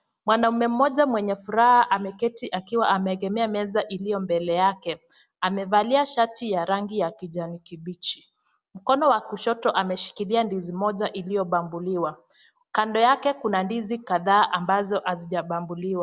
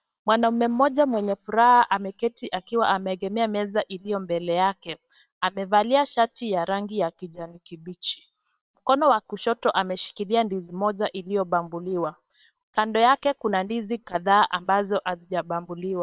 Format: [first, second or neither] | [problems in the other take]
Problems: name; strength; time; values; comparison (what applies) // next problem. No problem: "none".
first | noise reduction (neural separator model SepFormer WHAM!)